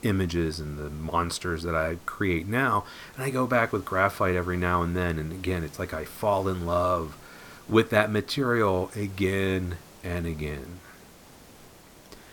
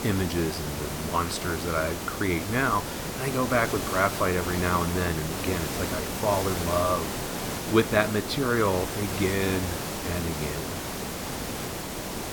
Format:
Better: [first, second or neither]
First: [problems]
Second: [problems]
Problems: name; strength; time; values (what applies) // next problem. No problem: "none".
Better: first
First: hiss; faint; throughout; 20 dB below the speech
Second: hiss; loud; throughout; 4 dB below the speech